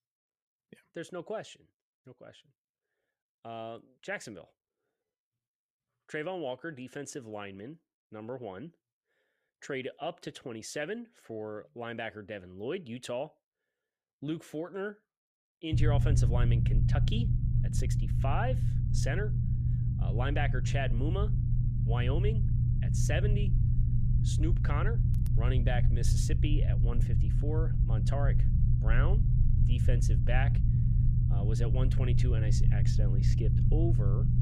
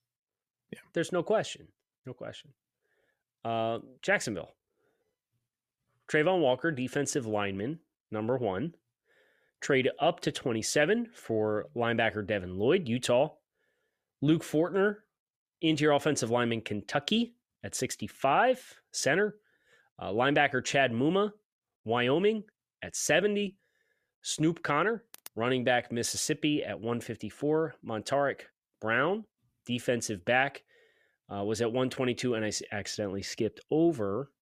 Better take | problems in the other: second | low rumble; loud; from 16 s on; 3 dB below the speech

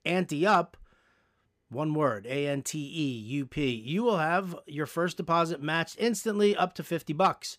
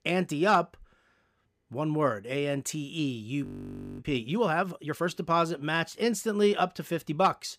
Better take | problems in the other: first | audio freezing; at 3.5 s for 0.5 s

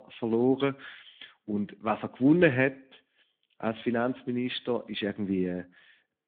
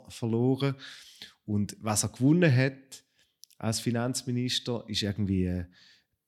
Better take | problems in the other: second | phone-call audio; nothing above 3.5 kHz

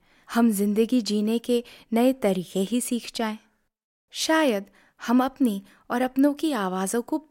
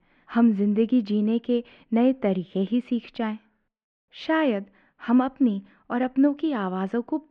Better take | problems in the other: first | muffled; very; fading above 3 kHz

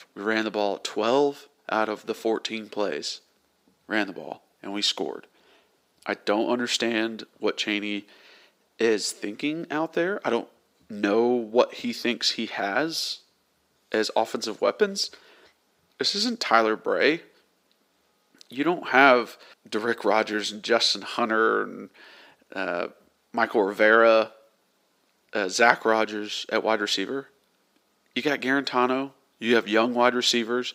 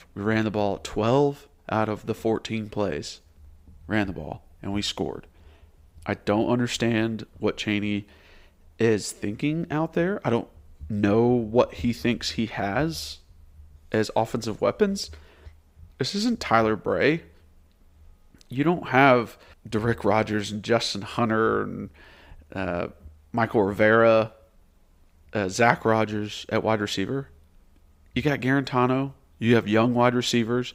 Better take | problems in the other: second | thin; very slightly; fading below 250 Hz

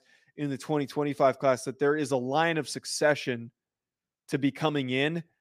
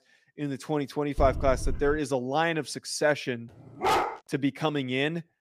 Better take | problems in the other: first | dog barking; noticeable; at 1 s; peak 5 dB below the speech // dog barking; loud; at 4 s; peak 3 dB above the speech

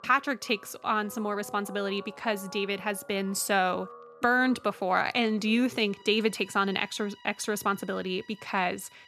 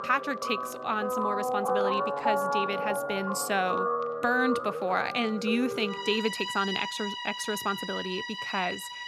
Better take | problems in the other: first | background music; loud; throughout; 1 dB below the speech; faint in the first

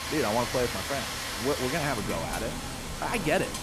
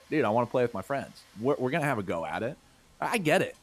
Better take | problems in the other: second | rain or running water; loud; throughout; 2 dB below the speech; faint in the second

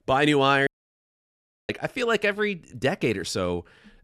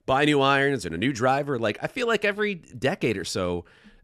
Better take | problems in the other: second | audio cutting out; at 0.5 s for 1 s

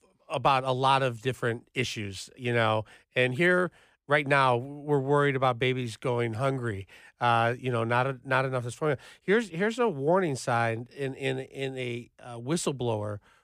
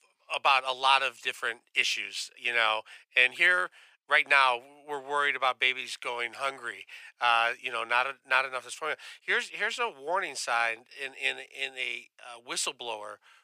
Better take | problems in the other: first | thin; very; fading below 950 Hz

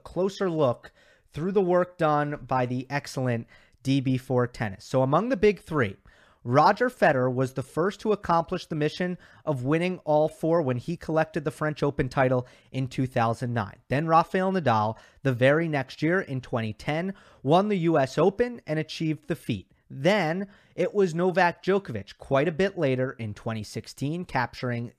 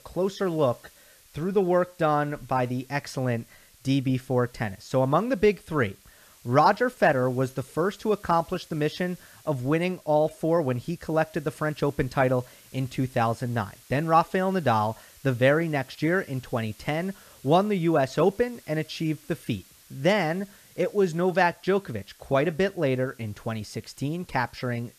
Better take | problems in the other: first | hiss; faint; throughout; 25 dB below the speech

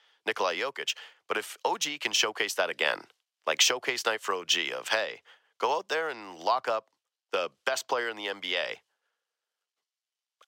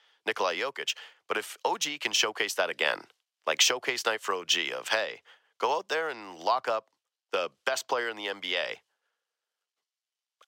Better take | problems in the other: neither | thin; very; fading below 700 Hz; the same in both

